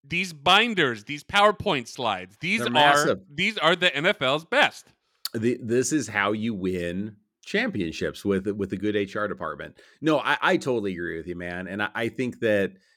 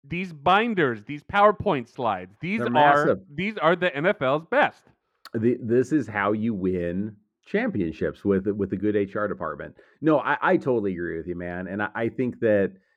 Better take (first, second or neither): first